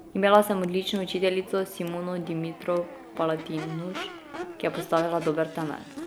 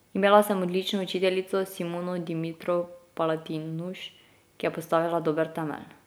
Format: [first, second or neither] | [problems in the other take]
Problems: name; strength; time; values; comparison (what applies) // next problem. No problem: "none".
second | background sound (Crowd / Race car, auto racing / Accelerating, revving, vroom); 14 dB below the speech